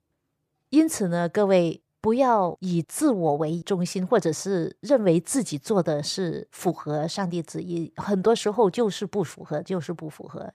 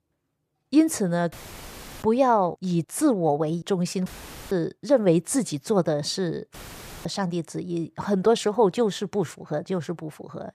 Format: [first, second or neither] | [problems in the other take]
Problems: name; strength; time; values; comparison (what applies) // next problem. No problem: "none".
first | audio cutting out; filled with static; at 1.5 s for 0.5 s, at 4 s and at 6.5 s for 0.5 s